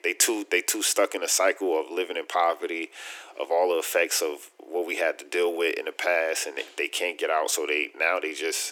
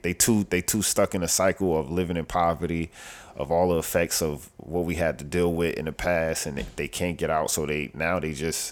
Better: second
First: thin; very; fading below 300 Hz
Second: none

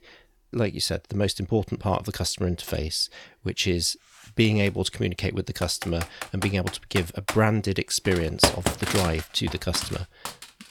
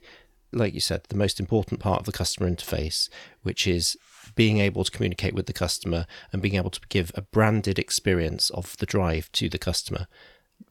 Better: second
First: keyboard typing; loud; from 5.5 s on; peak 3 dB above the speech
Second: none

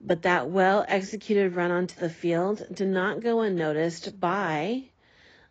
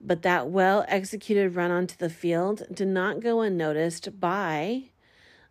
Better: second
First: garbled, watery; badly; nothing above 7.5 kHz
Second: none

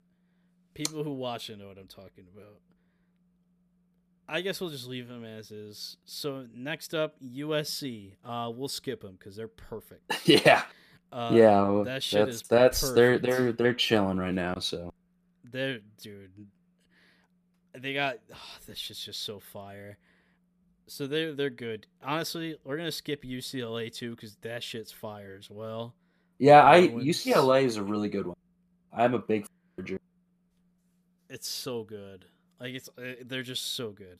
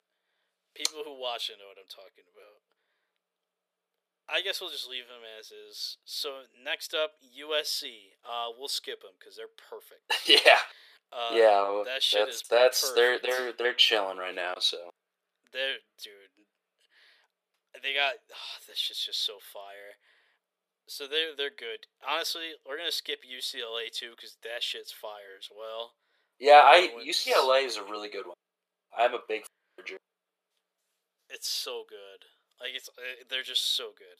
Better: first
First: none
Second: thin; very; fading below 450 Hz

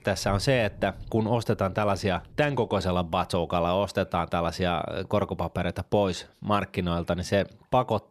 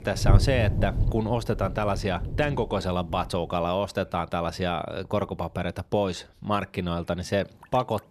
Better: first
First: rain or running water; faint; throughout; 20 dB below the speech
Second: rain or running water; loud; throughout; 1 dB below the speech

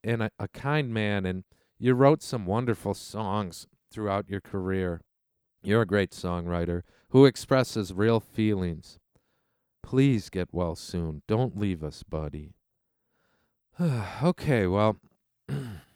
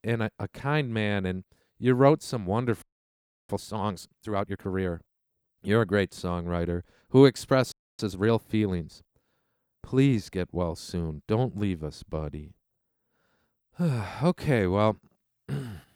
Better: first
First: none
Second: audio freezing; at 3 s for 0.5 s and at 7.5 s

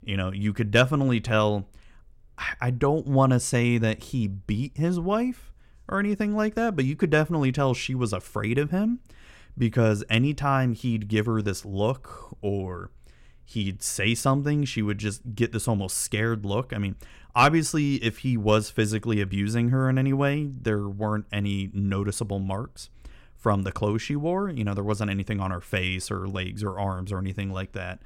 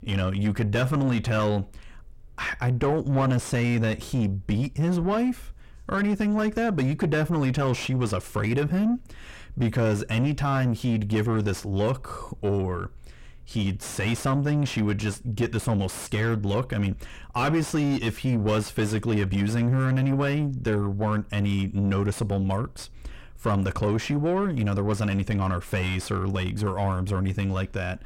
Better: first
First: none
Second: distortion; heavy; 7 dB below the speech

